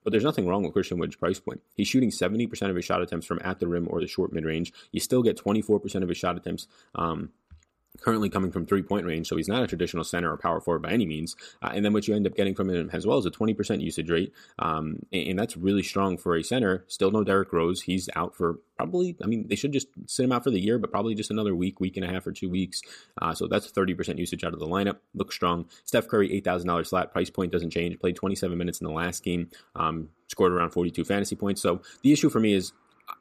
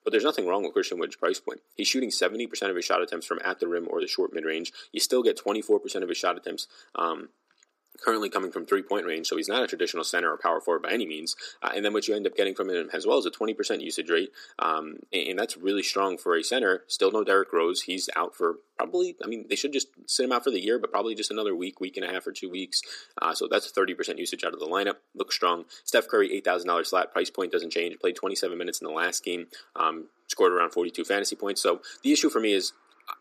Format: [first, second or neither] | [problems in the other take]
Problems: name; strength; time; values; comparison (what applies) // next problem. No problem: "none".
first | thin; somewhat; fading below 300 Hz